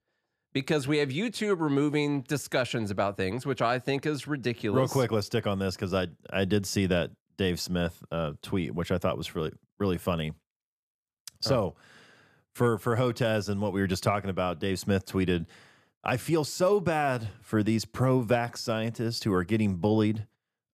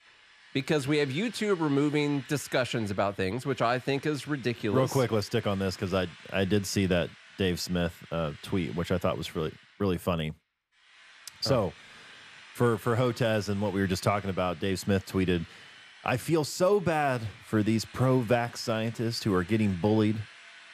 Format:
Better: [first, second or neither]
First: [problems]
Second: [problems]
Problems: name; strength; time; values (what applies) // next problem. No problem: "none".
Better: first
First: none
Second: machinery noise; faint; throughout; 20 dB below the speech